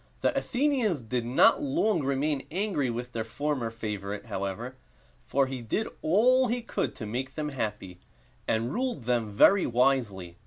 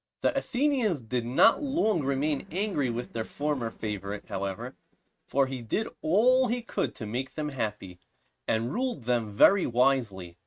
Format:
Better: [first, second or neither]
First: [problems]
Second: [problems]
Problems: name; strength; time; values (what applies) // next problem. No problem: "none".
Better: first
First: none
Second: noise reduction (neural mask model RNNoise)